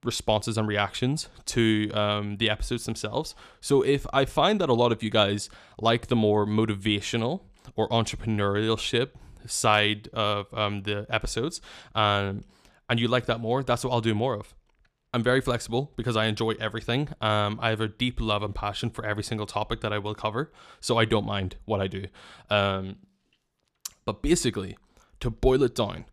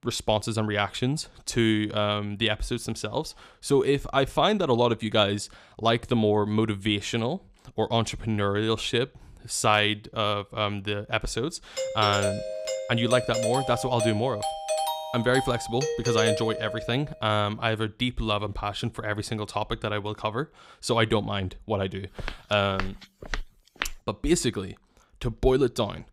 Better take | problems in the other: first | doorbell; loud; from 12 to 17 s; peak level with the speech // footsteps; noticeable; from 22 to 24 s; peak 7 dB below the speech

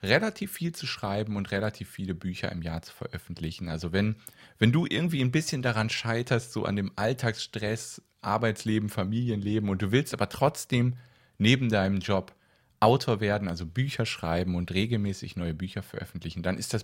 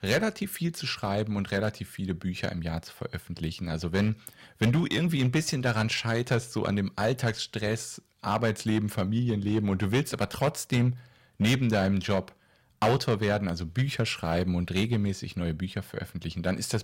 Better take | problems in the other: first | distortion; slight; 4% of the sound clipped

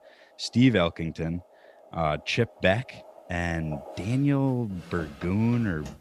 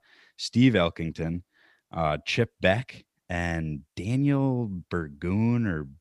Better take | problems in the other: second | household noises; faint; throughout; 20 dB below the speech

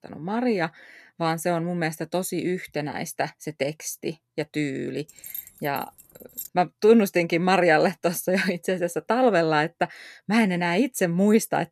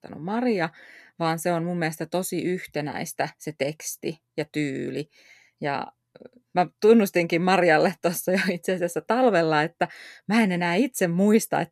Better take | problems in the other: second | jangling keys; faint; from 5 to 6.5 s; peak 10 dB below the speech

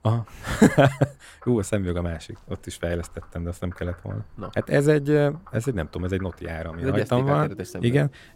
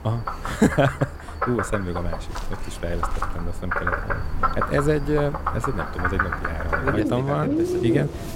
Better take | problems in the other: first | animal sounds; loud; throughout; 1 dB below the speech; faint in the first

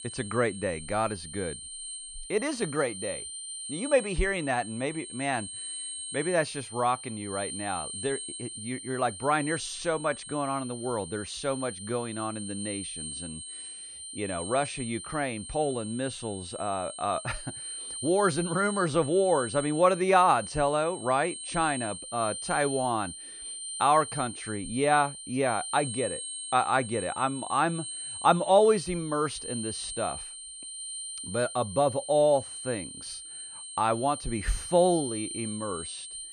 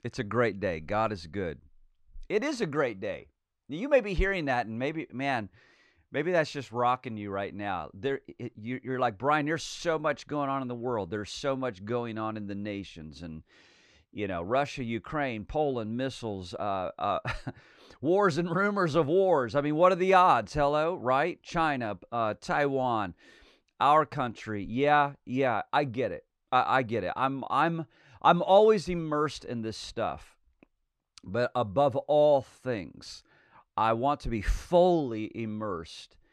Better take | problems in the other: second | high-pitched whine; loud; throughout; 9 kHz, 8 dB below the speech

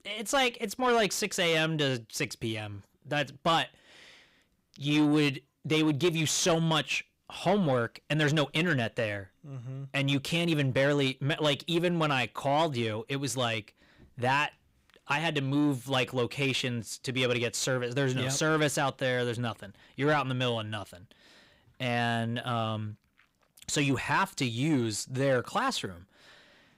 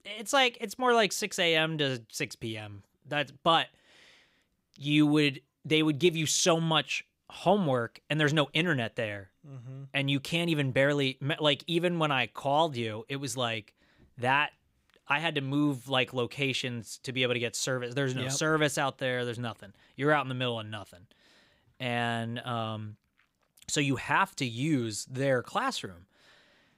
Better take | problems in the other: second | distortion; slight; 10 dB below the speech

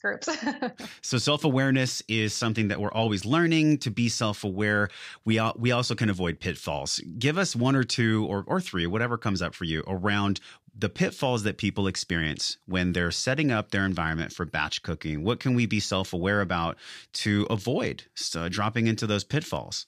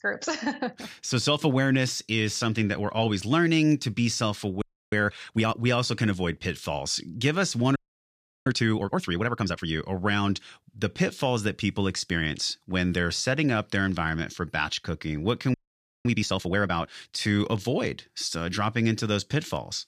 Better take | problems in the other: first | audio freezing; at 4.5 s, at 8 s for 0.5 s and at 16 s for 0.5 s

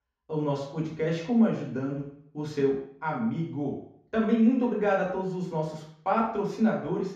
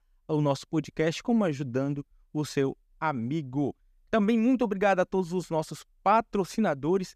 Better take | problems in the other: second | room echo; noticeable; dies away in 0.6 s // off-mic speech; far

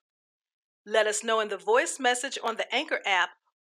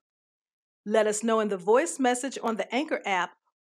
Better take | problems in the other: second | thin; somewhat; fading below 450 Hz

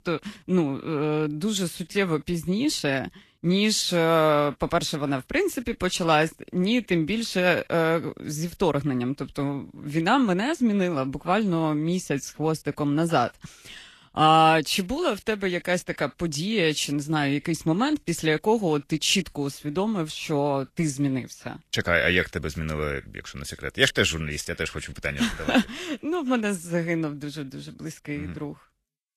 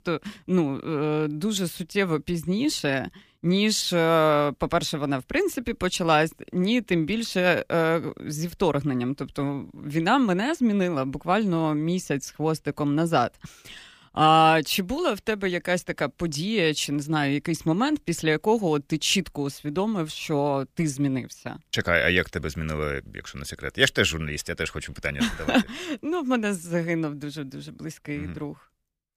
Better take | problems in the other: second | garbled, watery; slightly; nothing above 13 kHz

